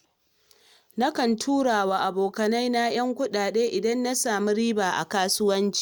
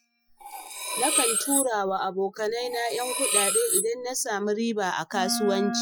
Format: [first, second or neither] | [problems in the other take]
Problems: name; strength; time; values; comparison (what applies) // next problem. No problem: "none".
first | noise reduction (classical method Wiener filter)